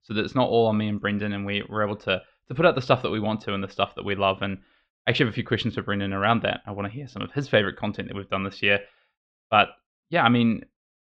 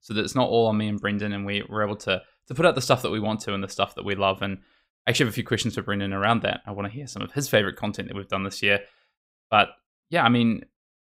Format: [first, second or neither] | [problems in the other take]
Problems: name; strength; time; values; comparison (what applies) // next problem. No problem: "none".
second | muffled; slightly; fading above 4 kHz